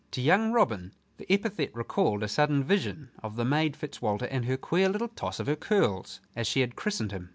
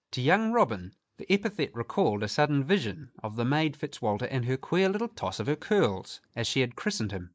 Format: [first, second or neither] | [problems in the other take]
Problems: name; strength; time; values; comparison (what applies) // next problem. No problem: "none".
first | noise reduction (neural mask model Resemble Enhance denoiser)